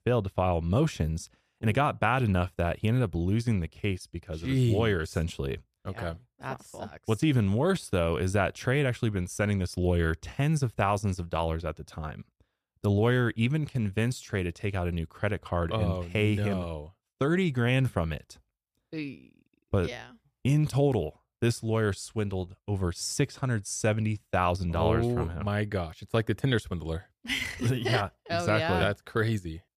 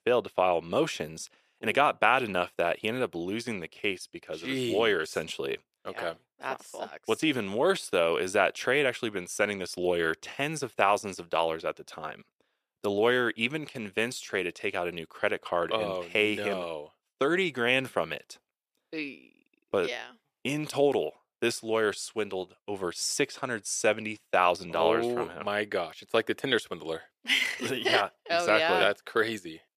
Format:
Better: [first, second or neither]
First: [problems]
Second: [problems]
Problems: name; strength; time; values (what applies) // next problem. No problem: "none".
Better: first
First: none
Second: thin; somewhat; fading below 400 Hz